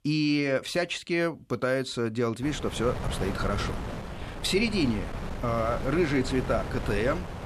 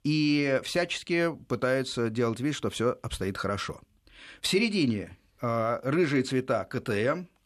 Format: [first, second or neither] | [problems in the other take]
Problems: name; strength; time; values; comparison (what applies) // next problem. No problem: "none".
second | wind noise on the microphone; heavy; from 2.5 s on; 9 dB below the speech